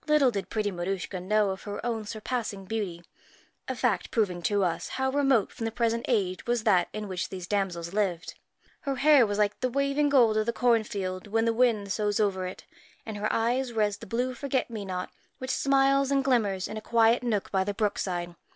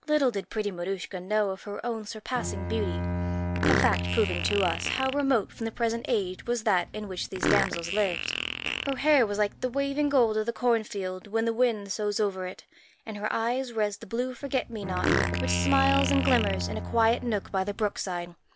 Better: first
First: none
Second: background sound (Bowed string instrument + Fart); 3 dB below the speech

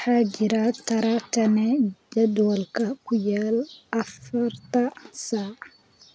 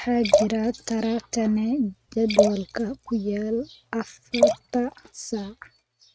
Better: first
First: none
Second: noise reduction (neural mask model RNNoise)

